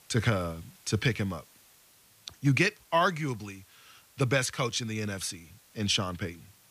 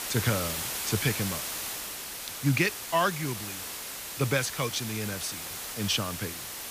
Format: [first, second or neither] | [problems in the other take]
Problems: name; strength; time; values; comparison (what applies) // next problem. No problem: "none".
first | hiss; loud; throughout; 4 dB below the speech; faint in the first